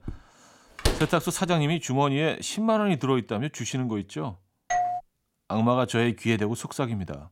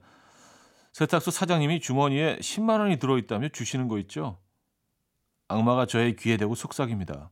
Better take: second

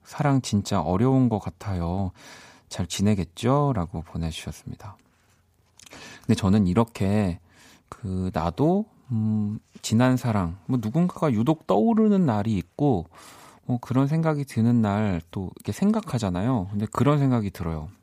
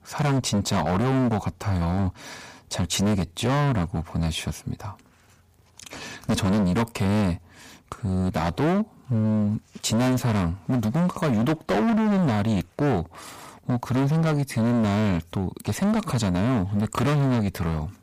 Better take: first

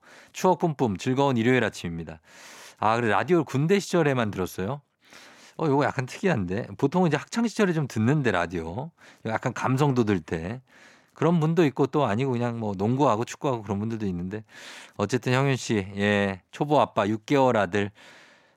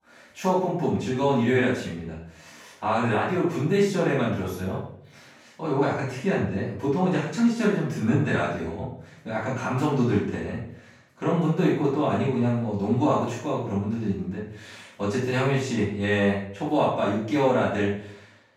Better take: first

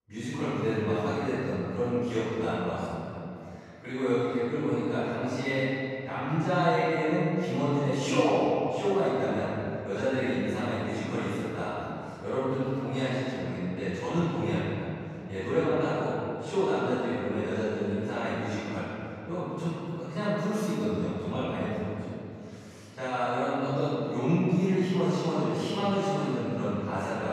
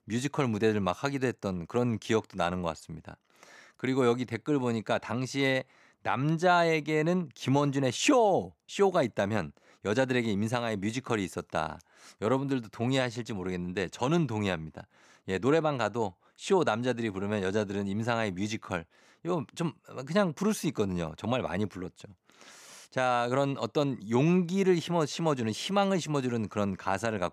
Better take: second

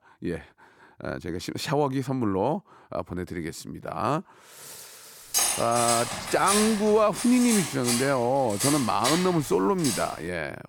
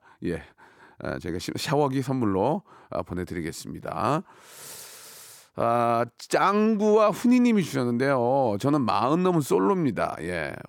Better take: second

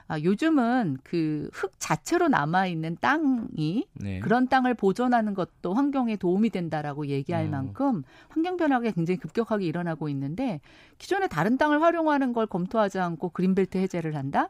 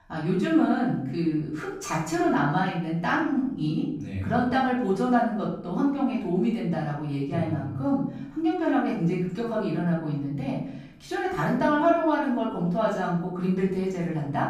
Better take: first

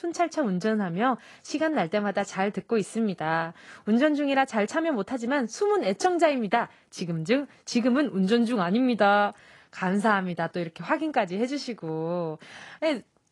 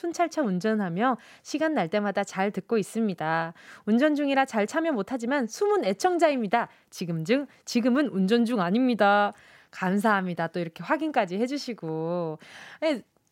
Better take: second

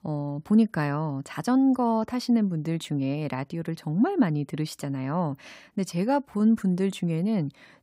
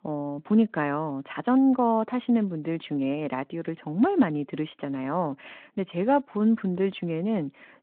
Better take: first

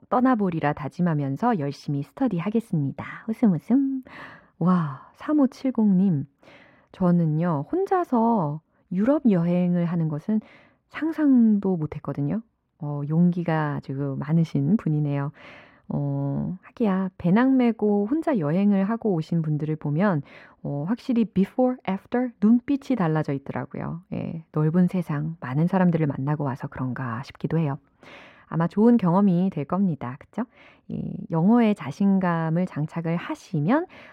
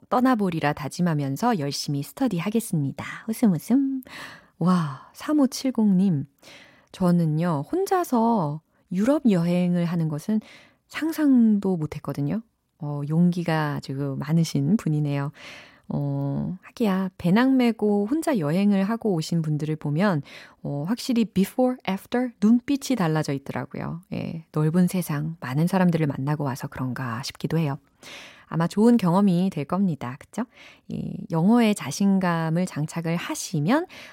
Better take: second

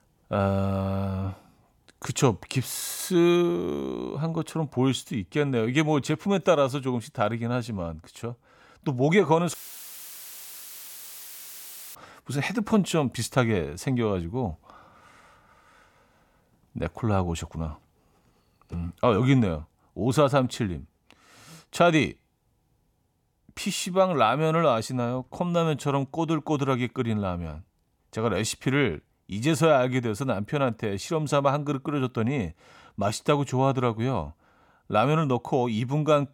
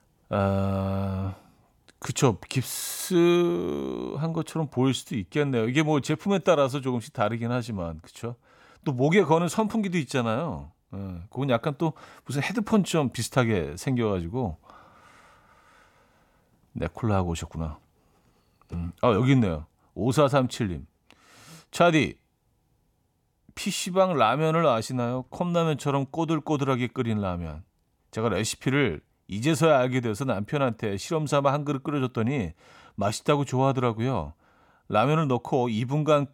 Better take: second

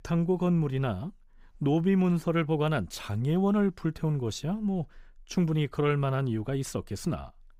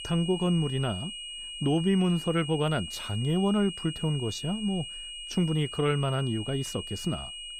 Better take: first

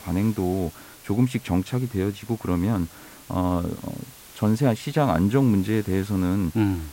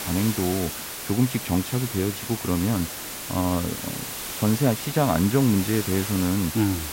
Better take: first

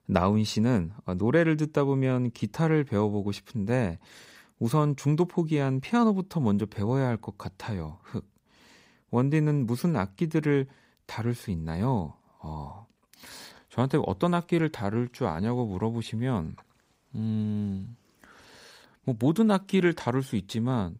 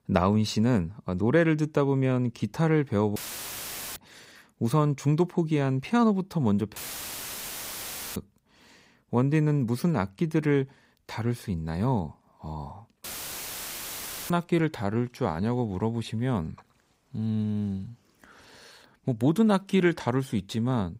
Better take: first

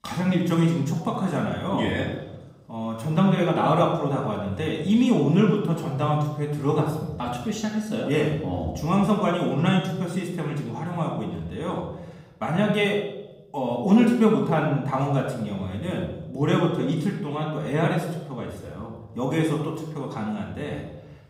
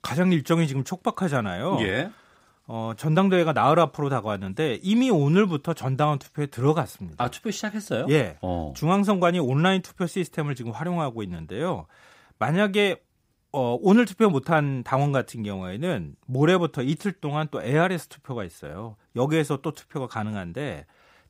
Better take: second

